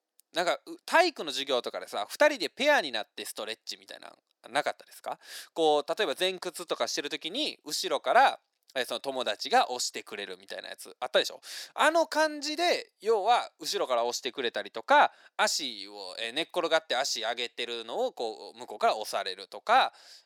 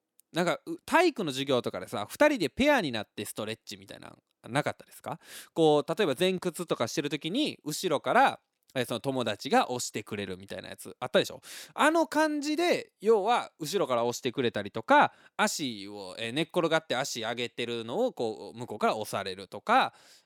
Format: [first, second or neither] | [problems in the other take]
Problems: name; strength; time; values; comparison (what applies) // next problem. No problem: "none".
second | thin; somewhat; fading below 400 Hz